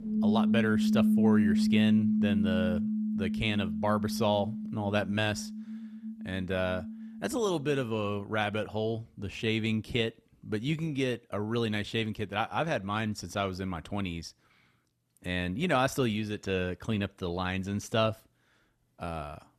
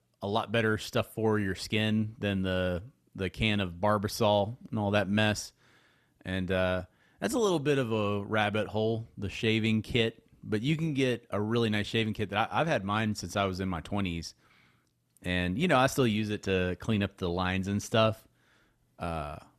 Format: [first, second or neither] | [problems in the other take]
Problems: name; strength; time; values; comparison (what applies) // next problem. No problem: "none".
second | background music; very loud; until 6.5 s; 2 dB above the speech